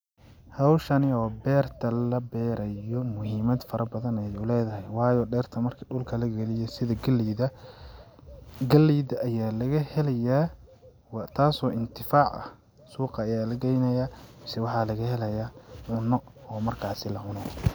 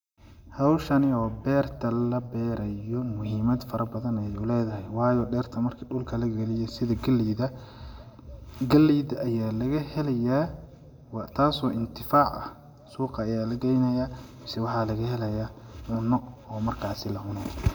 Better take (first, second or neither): first